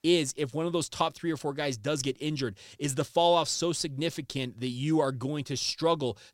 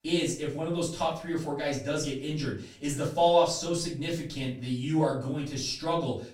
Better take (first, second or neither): first